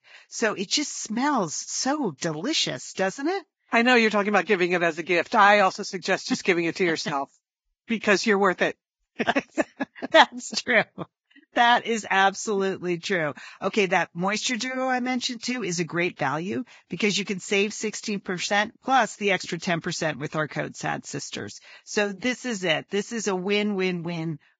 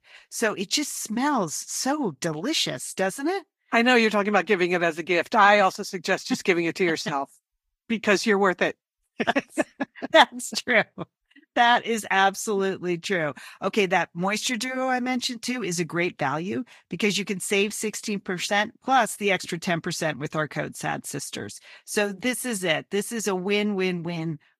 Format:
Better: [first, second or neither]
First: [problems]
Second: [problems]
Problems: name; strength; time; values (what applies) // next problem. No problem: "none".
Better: second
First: garbled, watery; badly; nothing above 7.5 kHz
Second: garbled, watery; slightly